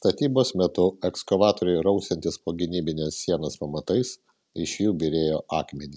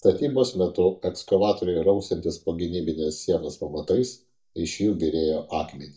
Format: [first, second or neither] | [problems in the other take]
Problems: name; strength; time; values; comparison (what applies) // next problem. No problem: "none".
first | noise reduction (neural mask model DeepFilterNet 3)